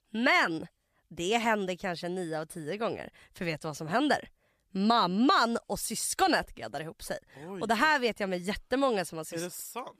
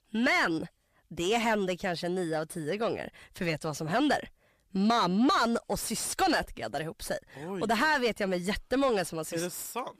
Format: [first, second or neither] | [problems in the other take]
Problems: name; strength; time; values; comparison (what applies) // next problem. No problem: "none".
first | distortion; slight; 9 dB below the speech